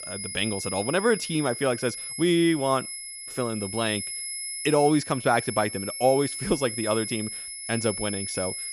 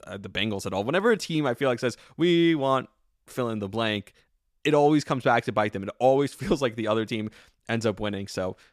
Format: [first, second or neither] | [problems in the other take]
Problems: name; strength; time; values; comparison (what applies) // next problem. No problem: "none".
second | high-pitched whine; loud; throughout; 11 kHz, 6 dB below the speech